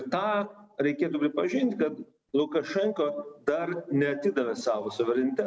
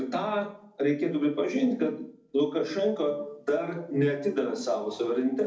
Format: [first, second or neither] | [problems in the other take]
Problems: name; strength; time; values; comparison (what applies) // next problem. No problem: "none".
first | room echo; dies away in 0.4 s